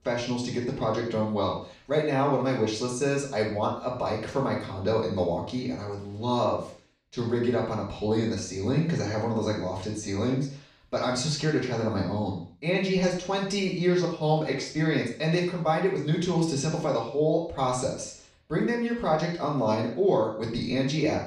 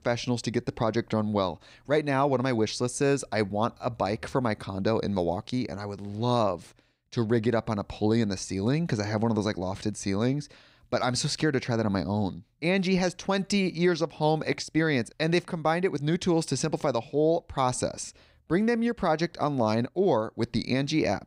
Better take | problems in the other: second | room echo; noticeable; dies away in 0.5 s // off-mic speech; far

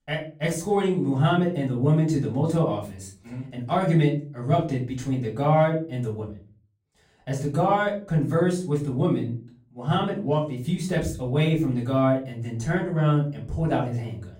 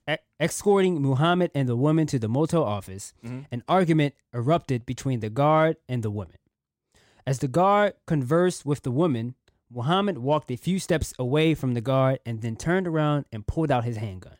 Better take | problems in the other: second | off-mic speech; far // room echo; slight; dies away in 0.4 s

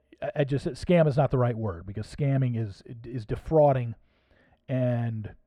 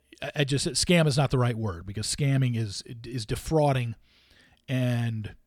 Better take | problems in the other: second | muffled; very; fading above 3 kHz

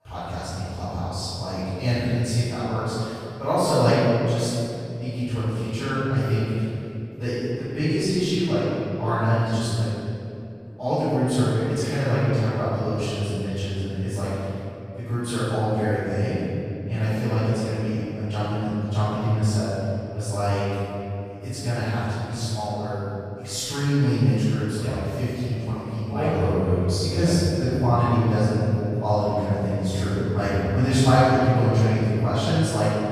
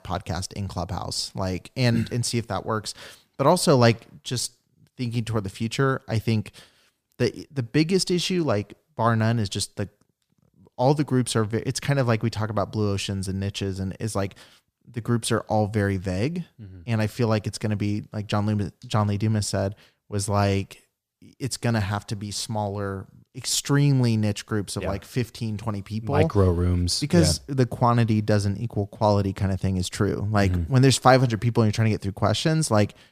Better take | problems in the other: second | off-mic speech; far // room echo; strong; dies away in 2.6 s

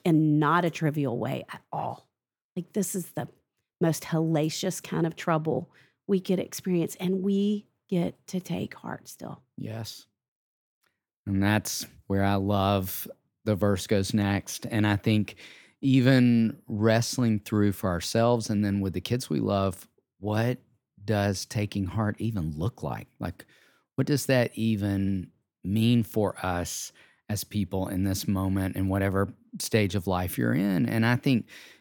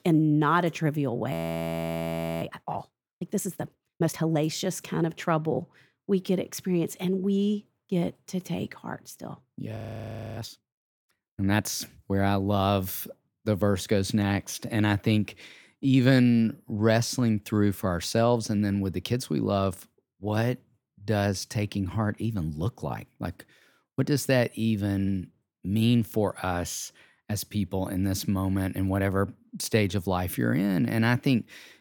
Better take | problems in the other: first | audio freezing; at 1.5 s for 1 s and at 10 s for 0.5 s

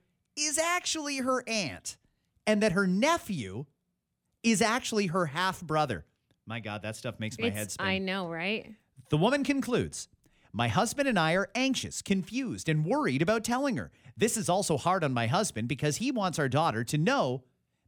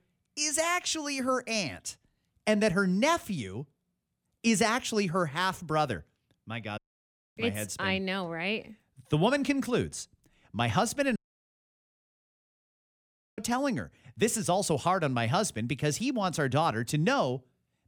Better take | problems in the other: first | audio cutting out; at 7 s for 0.5 s and at 11 s for 2 s

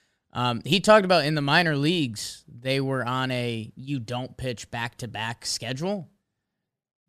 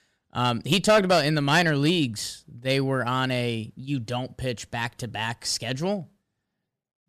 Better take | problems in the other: first | distortion; slight; 1.7% of the sound clipped

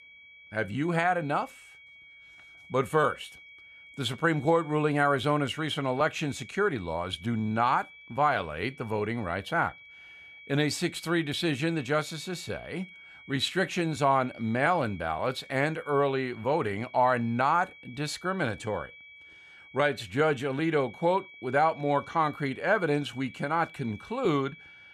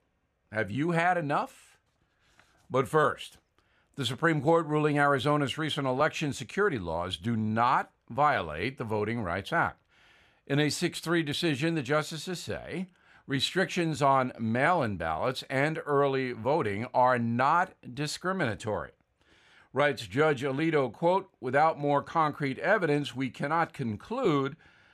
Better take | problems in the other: second | high-pitched whine; noticeable; throughout; 2.5 kHz, 20 dB below the speech

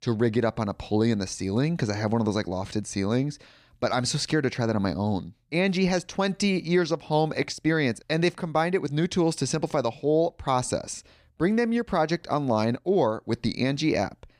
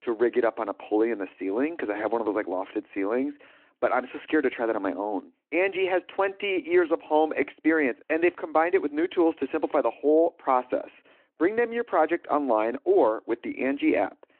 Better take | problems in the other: first | phone-call audio

